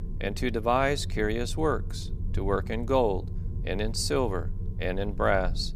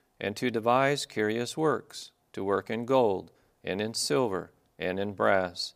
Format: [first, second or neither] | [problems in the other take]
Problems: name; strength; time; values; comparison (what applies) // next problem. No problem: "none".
second | low rumble; faint; throughout; 20 dB below the speech